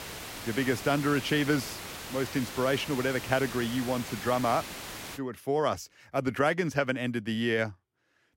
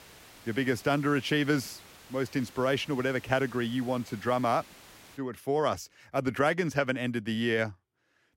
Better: second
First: hiss; loud; until 5 s; 9 dB below the speech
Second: hiss; faint; until 5 s; 20 dB below the speech

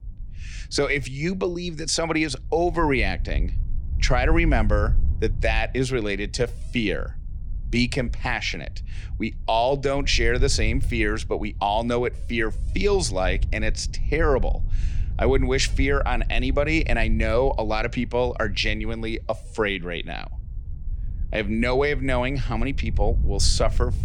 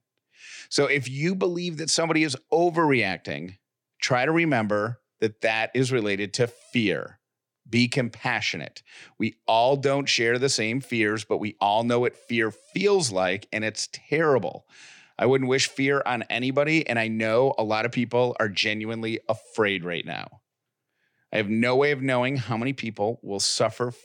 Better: second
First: low rumble; faint; throughout; 25 dB below the speech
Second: none

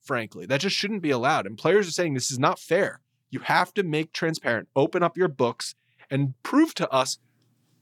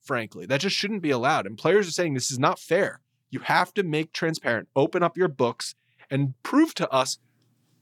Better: neither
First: none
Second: none

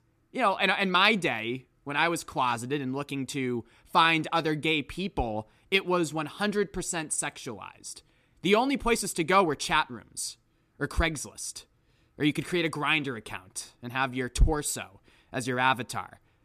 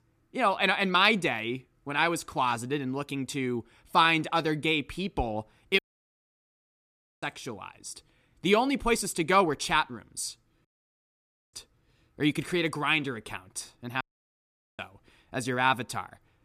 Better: first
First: none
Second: audio cutting out; at 6 s for 1.5 s, at 11 s for 1 s and at 14 s for 1 s

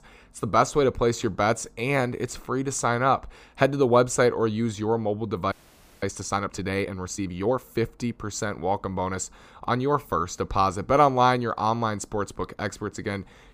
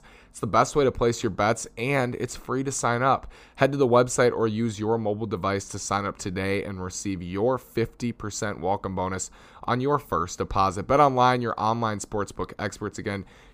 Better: second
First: audio freezing; at 5.5 s for 0.5 s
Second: none

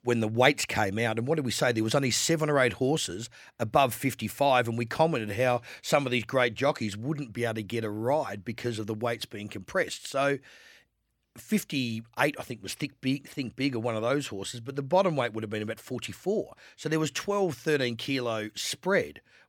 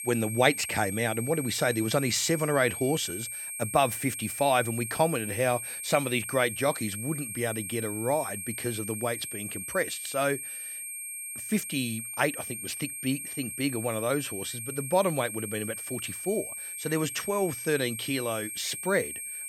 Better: first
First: none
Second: high-pitched whine; loud; throughout; 8.5 kHz, 5 dB below the speech

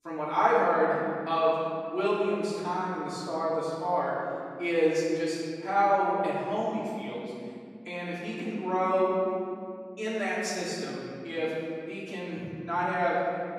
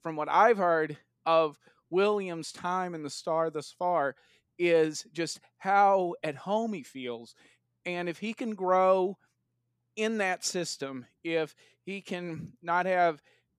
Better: second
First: off-mic speech; far // room echo; strong; dies away in 2.2 s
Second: none

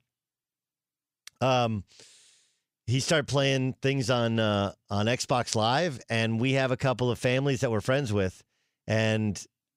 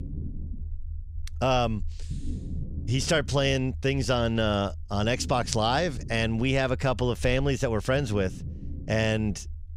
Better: first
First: none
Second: low rumble; faint; throughout; 25 dB below the speech

